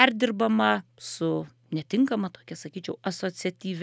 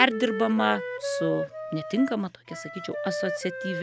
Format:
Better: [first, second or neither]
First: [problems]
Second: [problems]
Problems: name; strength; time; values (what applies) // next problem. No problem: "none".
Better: first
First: none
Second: background sound (Wind instrument, woodwind instrument); 5 dB below the speech